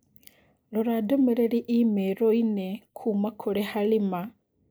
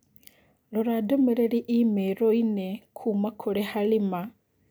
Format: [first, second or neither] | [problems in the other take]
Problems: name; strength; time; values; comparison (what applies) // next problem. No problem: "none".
second | noise reduction (neural mask model Resemble Enhance denoiser)